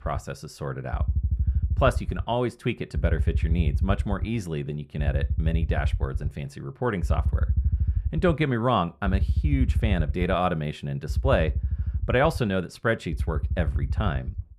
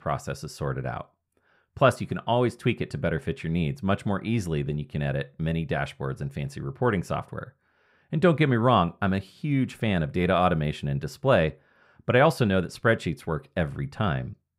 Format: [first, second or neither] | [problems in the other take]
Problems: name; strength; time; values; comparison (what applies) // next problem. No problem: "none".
second | low rumble; noticeable; throughout; 15 dB below the speech